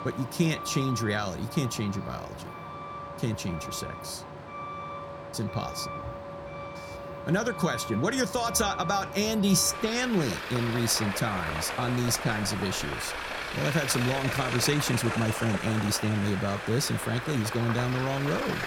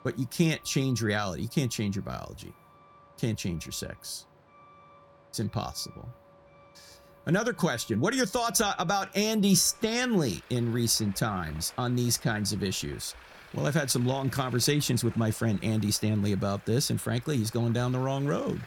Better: second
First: traffic noise; loud; throughout; 7 dB below the speech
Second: traffic noise; faint; throughout; 25 dB below the speech

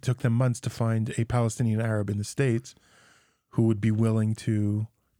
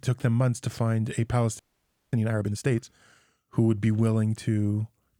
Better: first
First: none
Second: audio freezing; at 1.5 s for 0.5 s

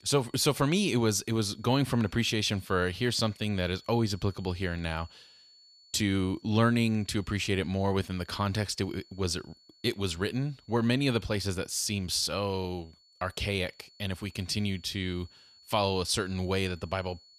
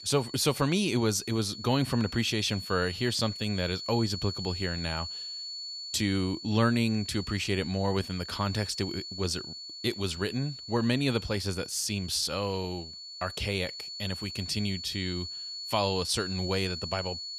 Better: first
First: high-pitched whine; faint; throughout; 4.5 kHz, 30 dB below the speech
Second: high-pitched whine; loud; throughout; 4.5 kHz, 8 dB below the speech

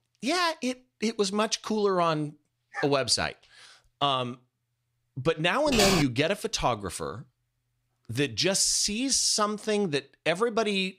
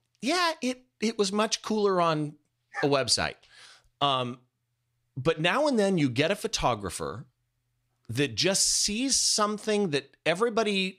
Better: second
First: keyboard typing; loud; at 5.5 s; peak 3 dB above the speech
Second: none

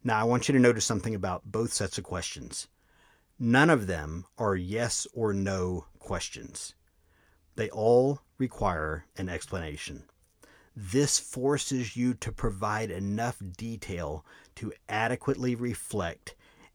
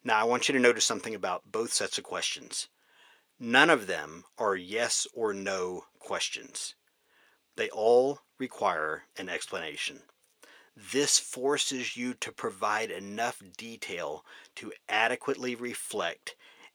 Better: first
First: none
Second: thin; somewhat; fading below 400 Hz

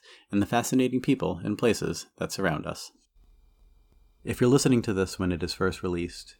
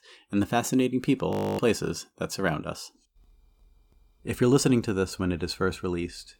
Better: first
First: none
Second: audio freezing; at 1.5 s

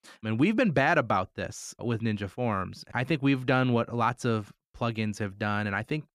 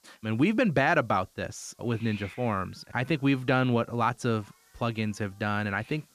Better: first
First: none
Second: hiss; faint; throughout; 25 dB below the speech

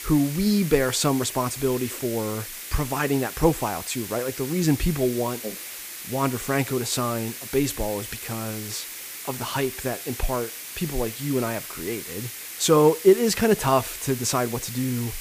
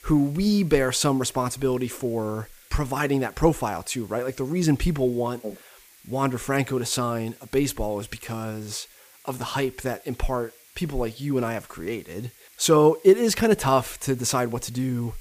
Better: second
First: hiss; loud; throughout; 9 dB below the speech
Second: hiss; faint; throughout; 25 dB below the speech

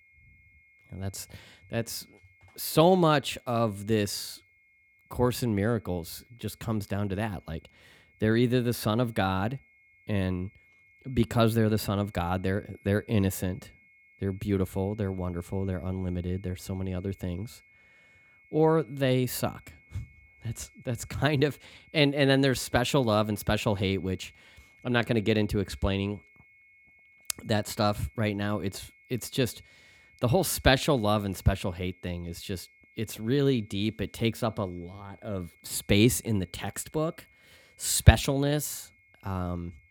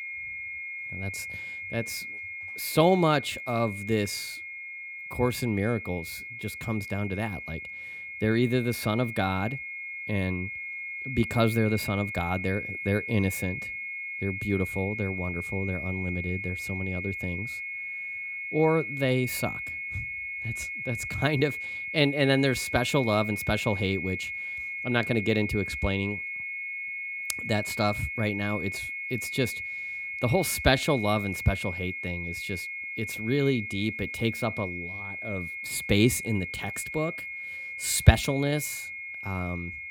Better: first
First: high-pitched whine; faint; throughout; 2 kHz, 30 dB below the speech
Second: high-pitched whine; loud; throughout; 2 kHz, 5 dB below the speech

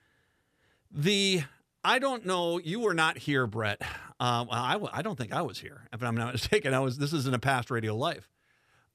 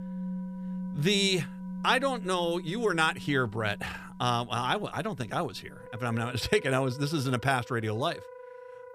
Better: first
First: none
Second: background music; noticeable; throughout; 15 dB below the speech

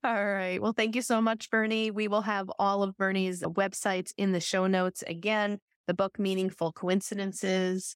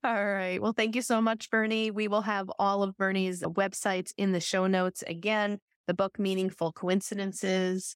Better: neither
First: none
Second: none

